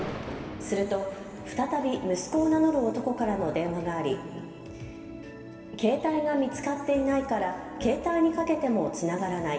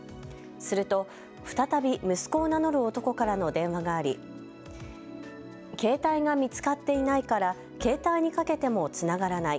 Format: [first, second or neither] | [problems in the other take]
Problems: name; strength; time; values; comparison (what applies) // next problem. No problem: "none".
second | background sound (Thunder); 18 dB below the speech // room echo; dies away in 2.4 s